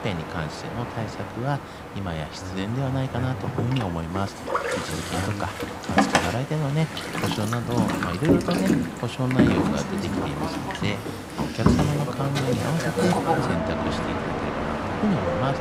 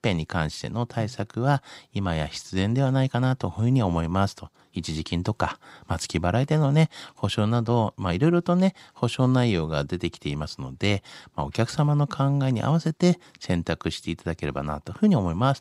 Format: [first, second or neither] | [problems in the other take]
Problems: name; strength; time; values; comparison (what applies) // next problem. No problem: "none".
second | train or aircraft noise; very loud; throughout; 2 dB above the speech